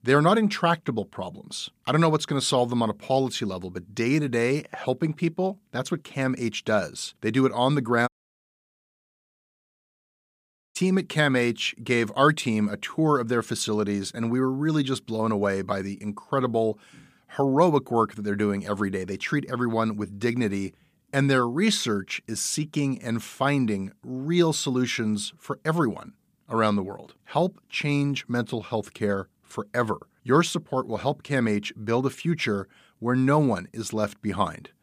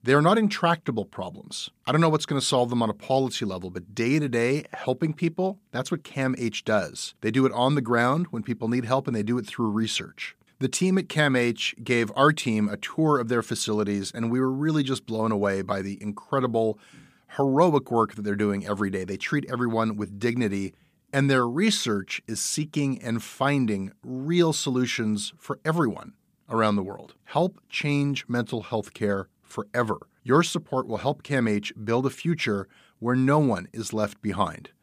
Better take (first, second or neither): second